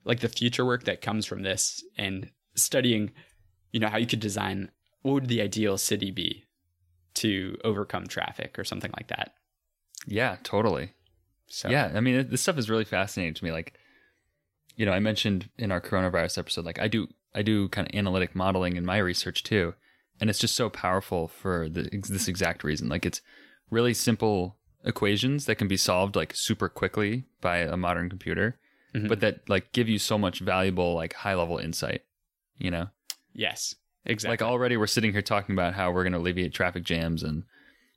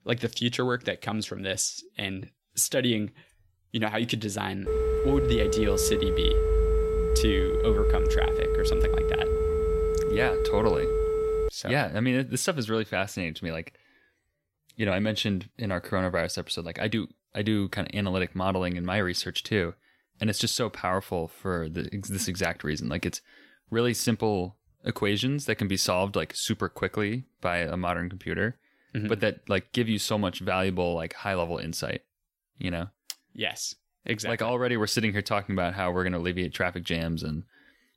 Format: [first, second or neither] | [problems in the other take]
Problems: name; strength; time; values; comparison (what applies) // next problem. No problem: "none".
first | phone ringing; loud; from 4.5 to 11 s; peak 4 dB above the speech